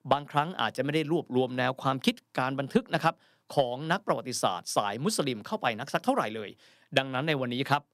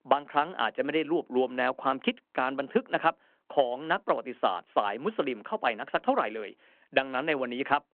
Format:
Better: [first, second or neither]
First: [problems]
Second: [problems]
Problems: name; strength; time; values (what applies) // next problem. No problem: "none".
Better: first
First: none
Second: phone-call audio